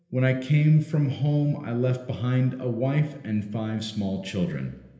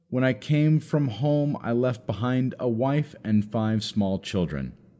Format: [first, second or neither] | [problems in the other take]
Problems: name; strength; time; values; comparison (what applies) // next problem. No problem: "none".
second | room echo; dies away in 1.4 s